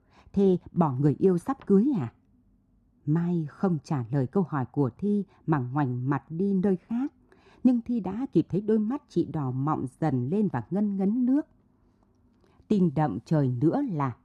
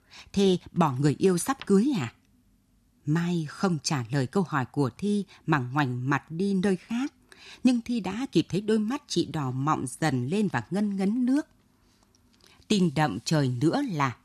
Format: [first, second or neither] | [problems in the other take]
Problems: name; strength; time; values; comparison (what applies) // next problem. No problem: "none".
second | muffled; very; fading above 1.5 kHz